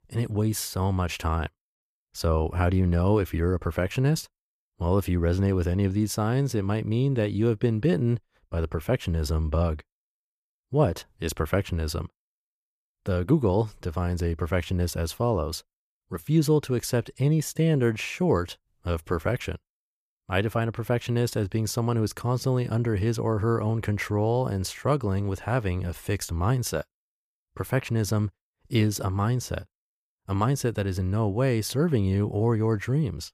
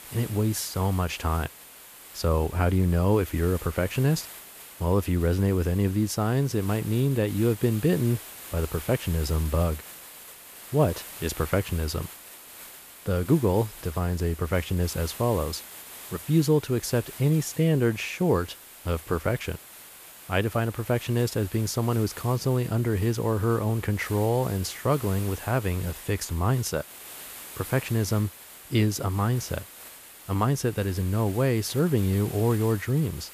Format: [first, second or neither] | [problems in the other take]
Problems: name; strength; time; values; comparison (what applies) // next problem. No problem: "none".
first | hiss; noticeable; throughout; 15 dB below the speech